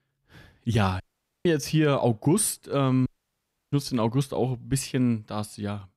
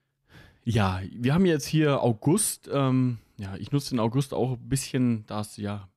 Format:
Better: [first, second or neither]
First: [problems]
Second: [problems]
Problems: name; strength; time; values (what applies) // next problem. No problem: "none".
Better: second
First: audio cutting out; at 1 s and at 3 s for 0.5 s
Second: none